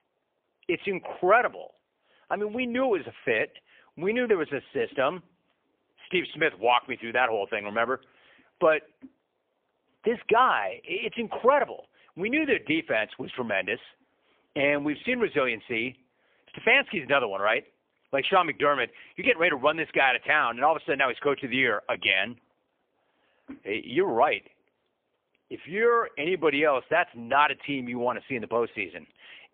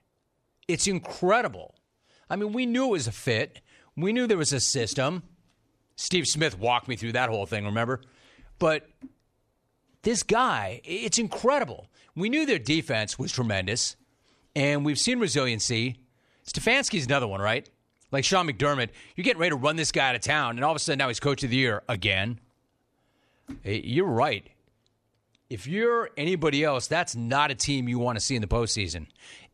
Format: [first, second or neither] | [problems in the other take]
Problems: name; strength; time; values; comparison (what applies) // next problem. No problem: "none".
second | phone-call audio; poor line; nothing above 3.5 kHz